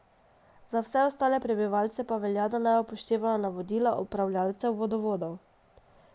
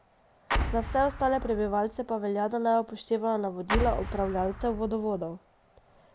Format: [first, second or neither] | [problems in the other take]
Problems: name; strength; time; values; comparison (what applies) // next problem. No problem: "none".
first | background sound (Explosion); 4 dB below the speech